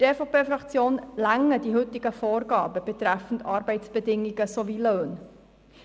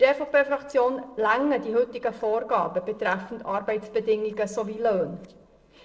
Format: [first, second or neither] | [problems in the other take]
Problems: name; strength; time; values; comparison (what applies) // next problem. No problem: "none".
first | noise reduction (neural separator model SepFormer DNS4)